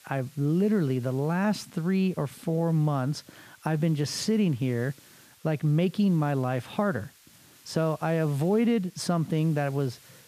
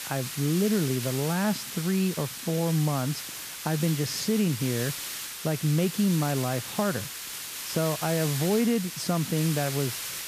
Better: first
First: hiss; faint; throughout; 25 dB below the speech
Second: hiss; loud; throughout; 6 dB below the speech

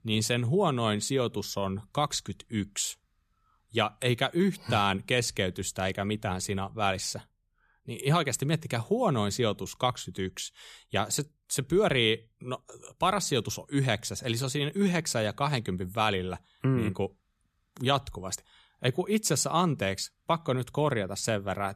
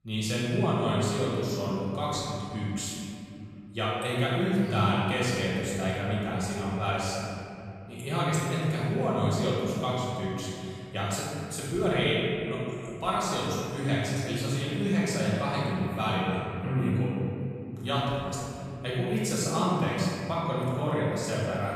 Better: first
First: none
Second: off-mic speech; far // room echo; strong; dies away in 2.8 s

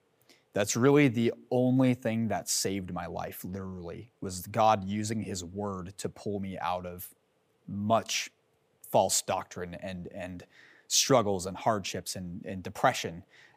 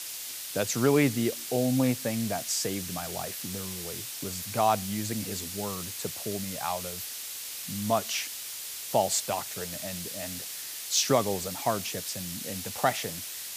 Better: first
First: none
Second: hiss; loud; throughout; 5 dB below the speech

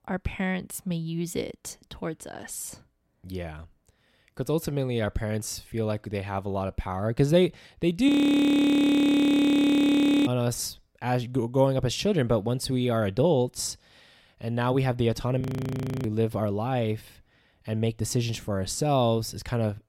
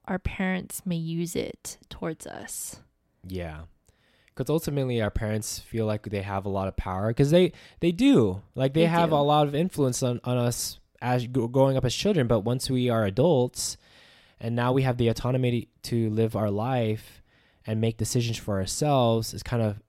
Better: second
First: audio freezing; at 8 s for 2 s and at 15 s for 0.5 s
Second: none

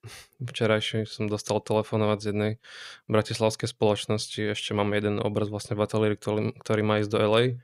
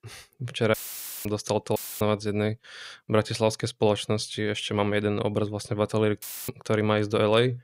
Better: first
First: none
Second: audio cutting out; filled with static; at 0.5 s for 0.5 s, at 2 s and at 6 s

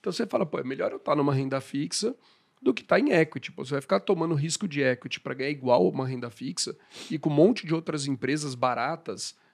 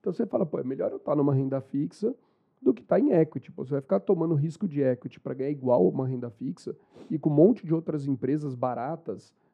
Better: first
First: none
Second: muffled; very; fading above 1.5 kHz

